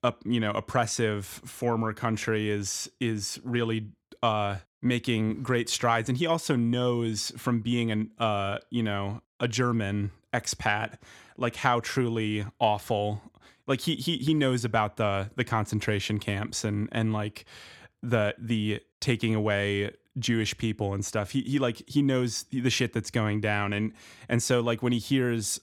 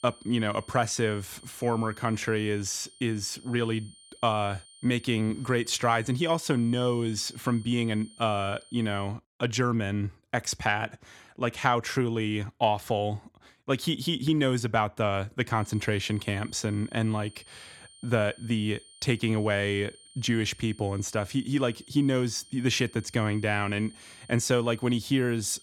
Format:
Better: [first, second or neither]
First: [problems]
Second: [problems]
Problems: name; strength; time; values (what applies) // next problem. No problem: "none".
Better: first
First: none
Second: high-pitched whine; faint; until 9 s and from 16 s on; 9 kHz, 25 dB below the speech